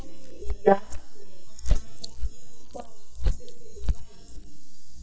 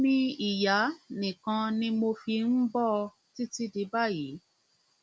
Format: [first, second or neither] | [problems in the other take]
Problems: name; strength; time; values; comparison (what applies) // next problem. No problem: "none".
second | noise reduction (neural mask model DeepFilterNet 3)